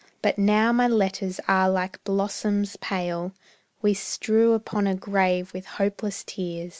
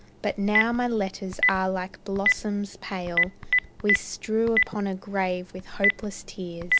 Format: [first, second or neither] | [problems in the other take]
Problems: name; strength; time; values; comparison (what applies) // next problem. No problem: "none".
first | background sound (Telephone); as loud as the speech